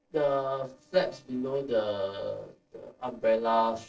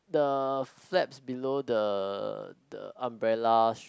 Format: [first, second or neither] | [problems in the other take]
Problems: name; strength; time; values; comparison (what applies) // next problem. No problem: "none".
second | noise reduction (neural separator model SepFormer DNS4)